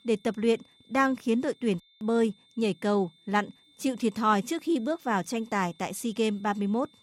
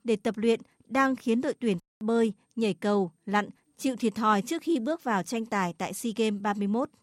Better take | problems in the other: second | high-pitched whine; faint; throughout; 3.5 kHz, 30 dB below the speech

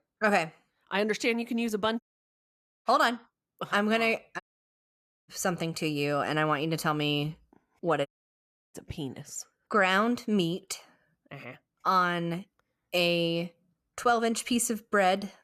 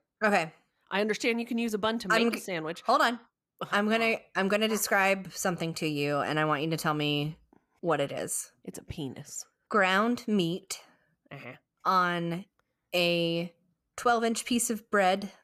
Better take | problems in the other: second | audio cutting out; at 2 s for 1 s, at 4.5 s for 1 s and at 8 s for 0.5 s

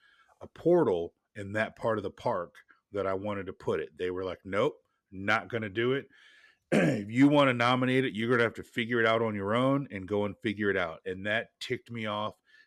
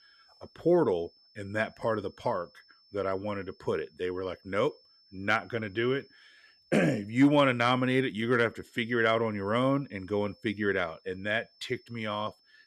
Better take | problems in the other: first | high-pitched whine; faint; throughout; 5.5 kHz, 30 dB below the speech

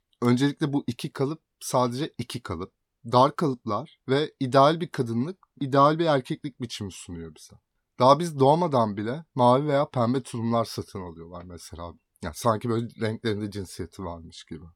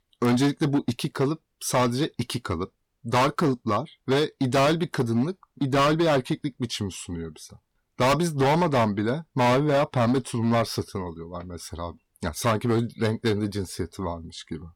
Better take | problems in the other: first | distortion; heavy; 9% of the sound clipped

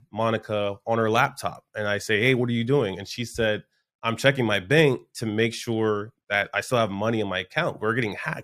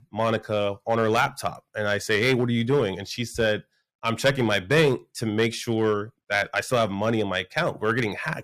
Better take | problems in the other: first | distortion; slight; 2% of the sound clipped

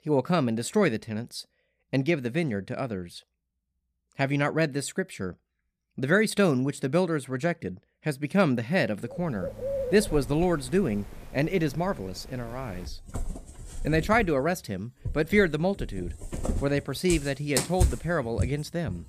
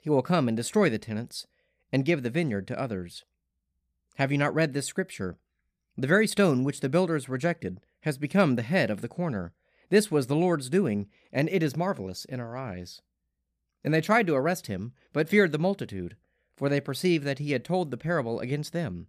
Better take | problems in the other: second | animal sounds; loud; from 9.5 s on; 8 dB below the speech

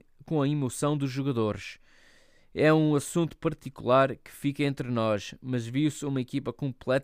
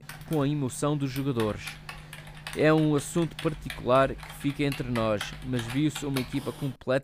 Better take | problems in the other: first | keyboard typing; noticeable; peak 8 dB below the speech

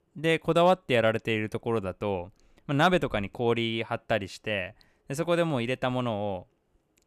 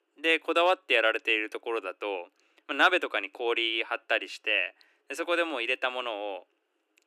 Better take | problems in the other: first | thin; very; fading below 300 Hz

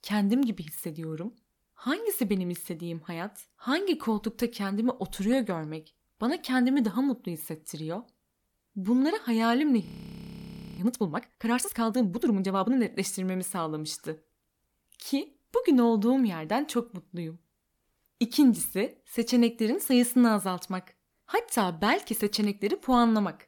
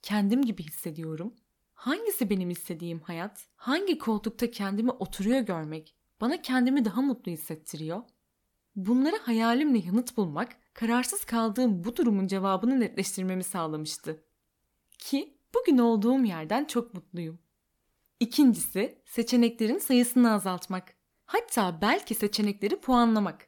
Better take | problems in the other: second | audio freezing; at 10 s for 1 s

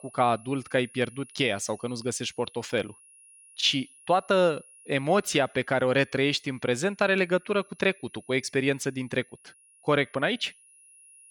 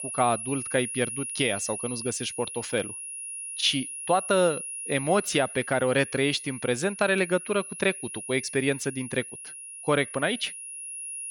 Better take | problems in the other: first | high-pitched whine; loud; throughout; 10.5 kHz, 8 dB below the speech; faint in the first

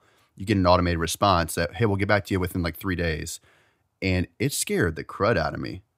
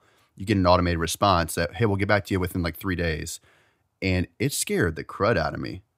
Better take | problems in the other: neither | none

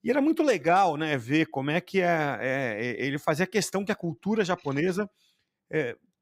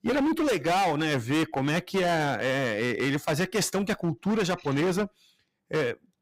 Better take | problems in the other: first | distortion; heavy; 22% of the sound clipped

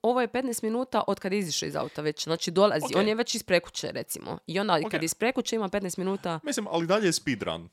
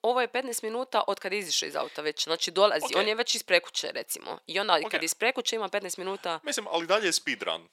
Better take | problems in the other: first | thin; somewhat; fading below 450 Hz

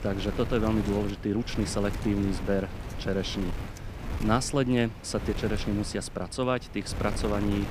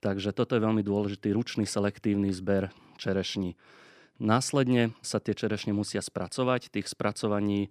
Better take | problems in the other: second | wind noise on the microphone; occasional gusts; 10 dB below the speech

